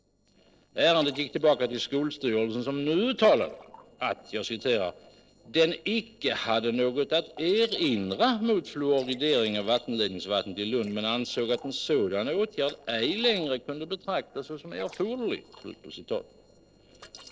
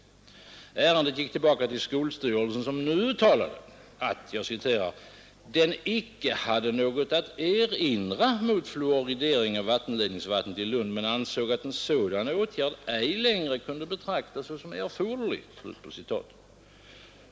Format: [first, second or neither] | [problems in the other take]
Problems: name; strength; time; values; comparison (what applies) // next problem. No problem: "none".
second | noise reduction (neural separator model SepFormer DNS4)